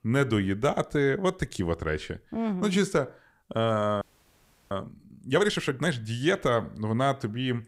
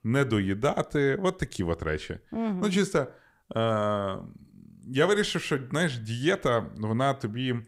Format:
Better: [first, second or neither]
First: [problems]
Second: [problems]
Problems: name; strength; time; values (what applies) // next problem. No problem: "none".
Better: second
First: audio freezing; at 4 s for 0.5 s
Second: none